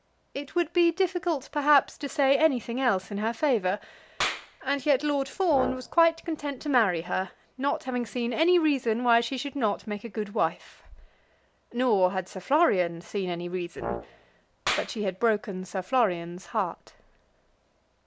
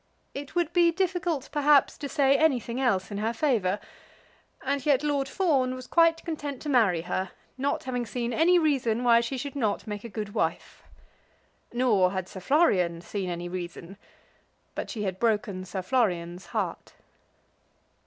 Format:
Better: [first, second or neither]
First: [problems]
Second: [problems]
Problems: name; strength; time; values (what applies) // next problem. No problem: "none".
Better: second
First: background sound (Clapping + Brass instrument); 11 dB below the speech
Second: none